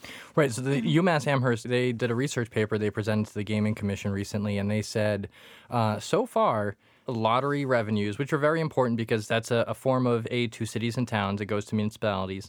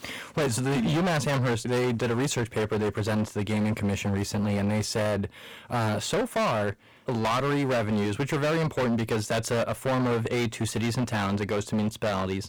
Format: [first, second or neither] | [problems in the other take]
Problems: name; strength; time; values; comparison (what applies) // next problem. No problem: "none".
first | distortion; heavy; 26% of the sound clipped